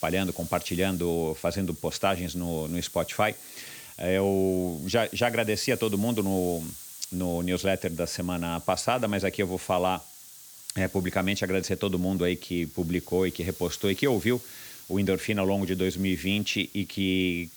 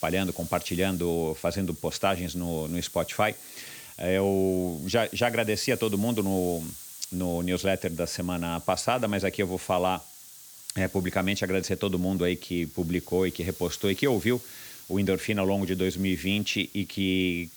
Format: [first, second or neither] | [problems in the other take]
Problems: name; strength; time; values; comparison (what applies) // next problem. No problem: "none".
neither | hiss; noticeable; throughout; 15 dB below the speech; the same in both